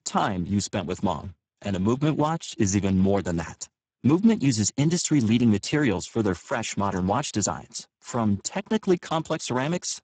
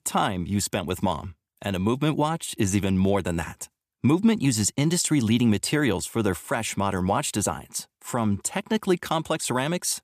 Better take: second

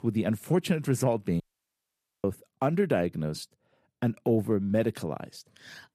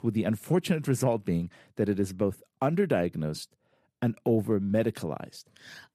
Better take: second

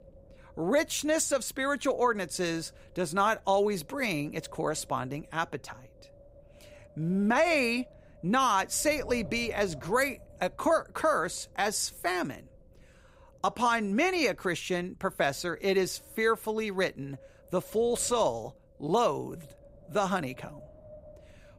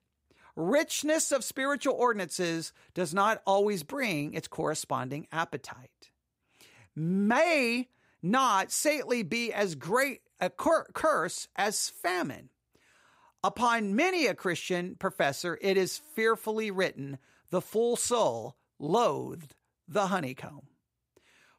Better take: second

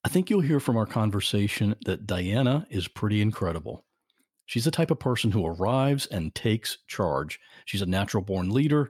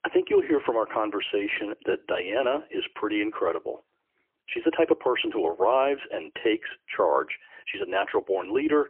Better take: first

